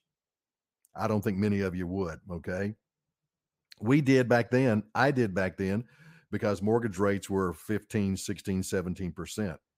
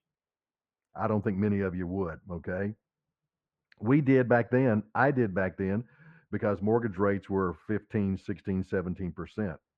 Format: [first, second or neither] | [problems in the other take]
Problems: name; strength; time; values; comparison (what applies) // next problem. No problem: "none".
first | muffled; very; fading above 1.5 kHz